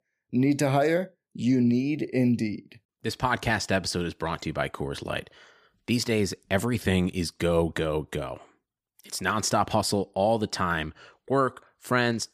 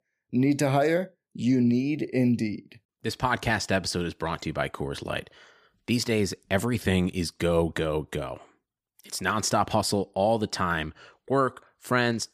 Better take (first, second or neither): neither